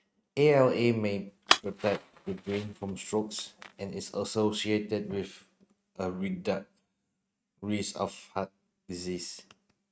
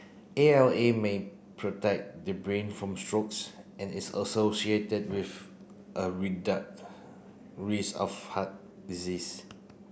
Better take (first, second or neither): second